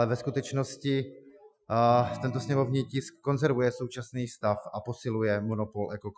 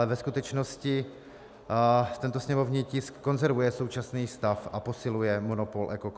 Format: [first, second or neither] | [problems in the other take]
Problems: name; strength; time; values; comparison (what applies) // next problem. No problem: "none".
second | noise reduction (classical method Wiener filter)